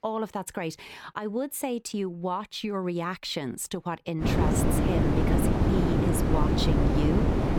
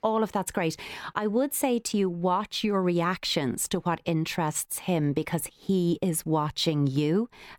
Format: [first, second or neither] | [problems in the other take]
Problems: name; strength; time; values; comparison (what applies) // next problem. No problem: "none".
second | wind noise on the microphone; heavy; from 4 s on; 3 dB above the speech